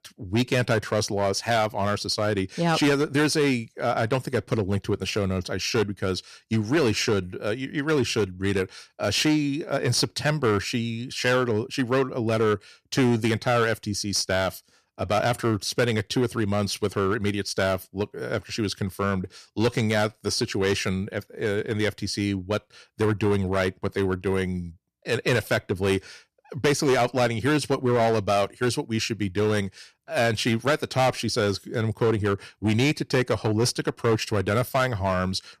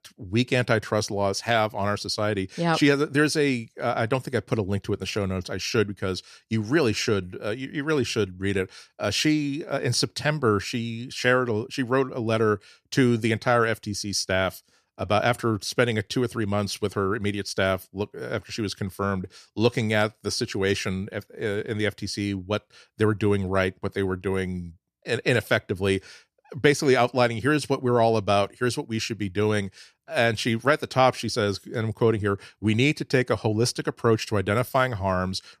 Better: second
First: distortion; slight; 7% of the sound clipped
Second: none

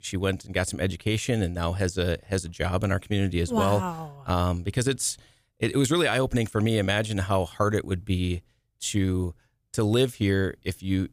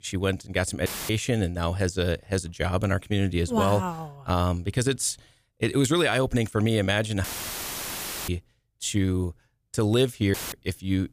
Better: first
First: none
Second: audio cutting out; filled with static; at 1 s, at 7 s for 1 s and at 10 s

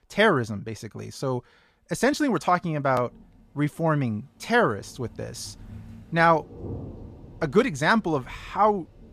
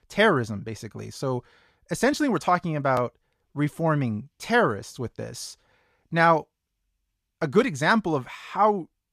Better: second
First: rain or running water; faint; throughout; 20 dB below the speech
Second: none

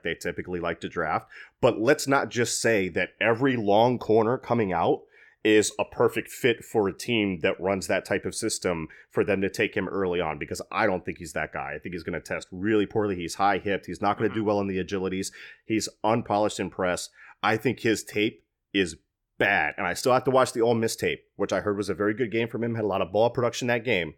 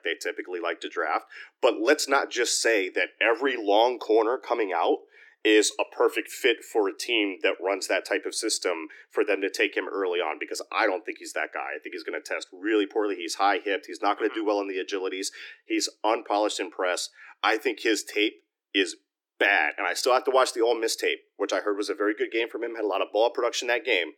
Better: first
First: none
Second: thin; somewhat; fading below 300 Hz

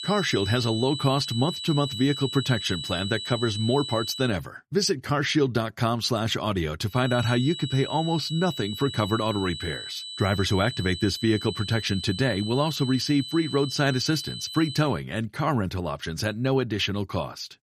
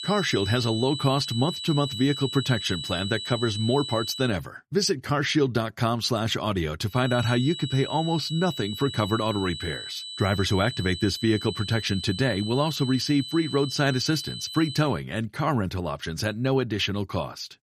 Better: neither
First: high-pitched whine; loud; until 4.5 s and from 7 to 15 s; 4 kHz, 8 dB below the speech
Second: high-pitched whine; loud; until 4.5 s and from 7 to 15 s; 4 kHz, 8 dB below the speech

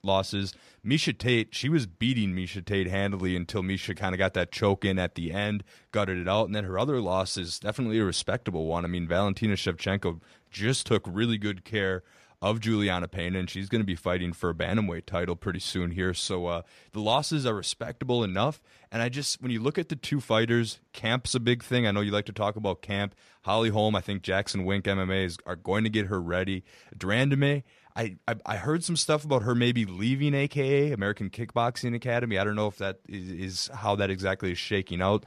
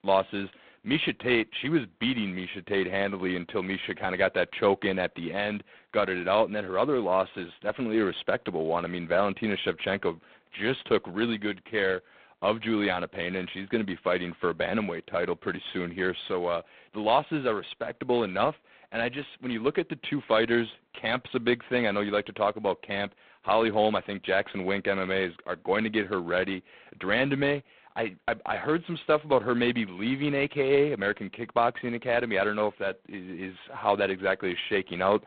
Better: first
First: none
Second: phone-call audio; poor line; nothing above 3.5 kHz

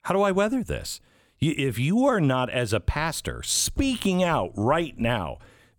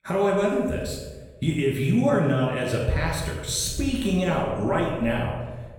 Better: first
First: none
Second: off-mic speech; far // room echo; noticeable; dies away in 1.1 s

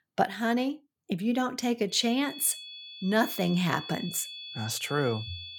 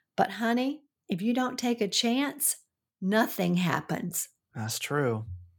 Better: second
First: high-pitched whine; noticeable; from 2 s on; 3.5 kHz, 10 dB below the speech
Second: none

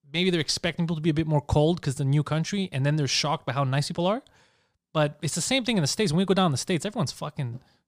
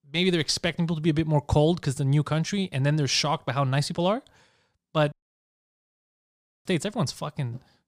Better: first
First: none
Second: audio cutting out; at 5 s for 1.5 s

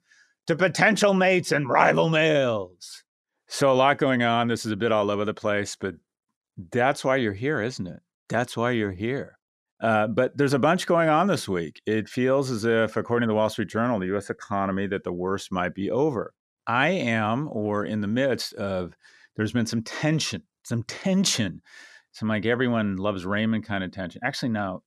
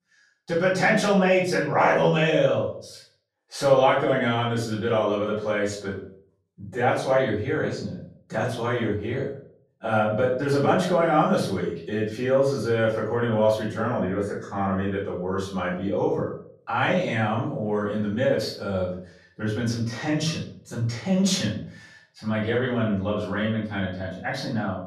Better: first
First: none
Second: off-mic speech; far // room echo; noticeable; dies away in 0.5 s

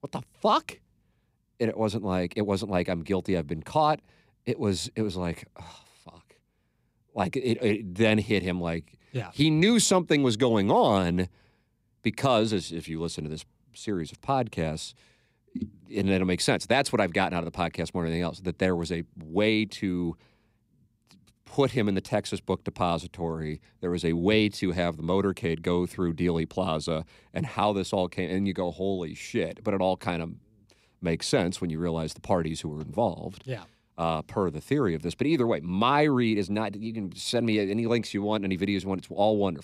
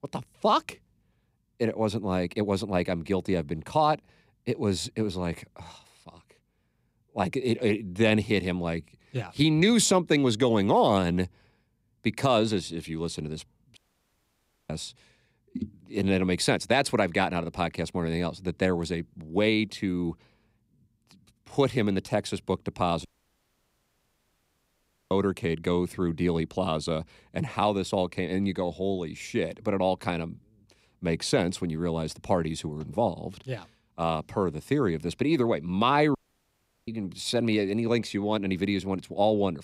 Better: first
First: none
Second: audio cutting out; at 14 s for 1 s, at 23 s for 2 s and at 36 s for 0.5 s

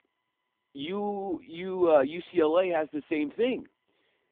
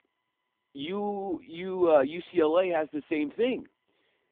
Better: neither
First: phone-call audio; poor line; nothing above 3.5 kHz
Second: phone-call audio; poor line; nothing above 3.5 kHz

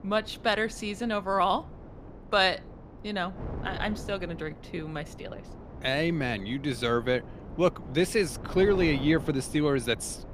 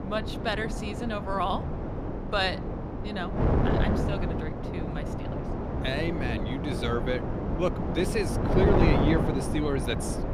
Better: first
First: wind noise on the microphone; occasional gusts; 20 dB below the speech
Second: wind noise on the microphone; heavy; 2 dB below the speech

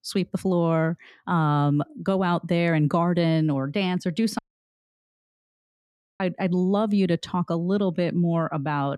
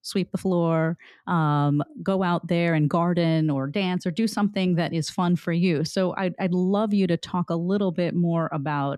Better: second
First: audio cutting out; at 4.5 s for 2 s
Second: none

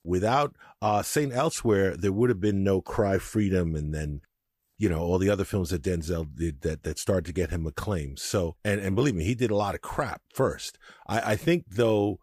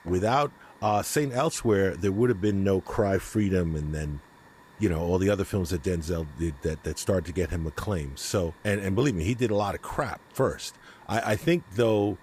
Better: first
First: none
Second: hiss; faint; throughout; 25 dB below the speech

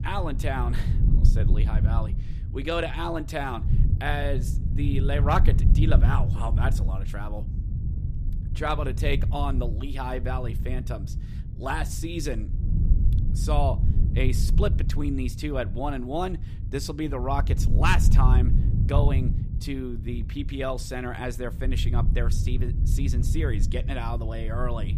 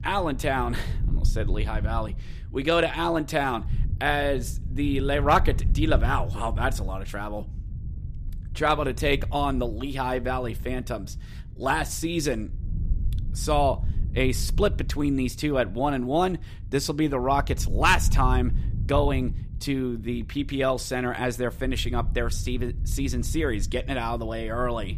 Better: second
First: low rumble; loud; throughout; 10 dB below the speech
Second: low rumble; faint; throughout; 20 dB below the speech

